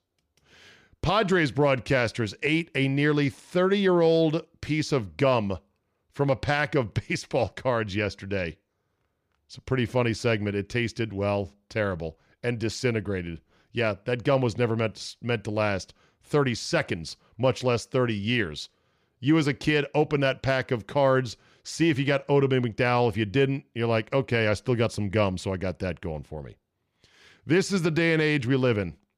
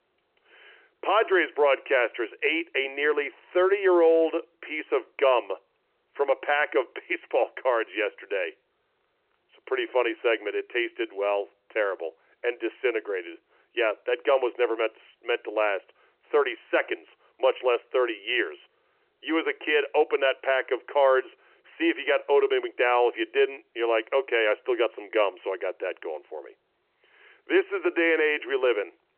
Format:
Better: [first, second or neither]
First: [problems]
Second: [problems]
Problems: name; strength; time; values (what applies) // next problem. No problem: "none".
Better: first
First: none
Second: phone-call audio; nothing above 3 kHz